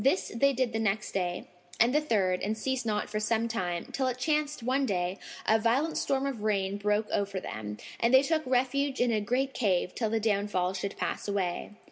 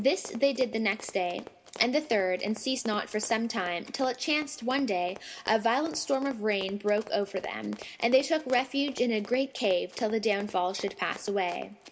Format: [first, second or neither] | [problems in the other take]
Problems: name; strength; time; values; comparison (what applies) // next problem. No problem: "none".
first | background sound (Run); 19 dB below the speech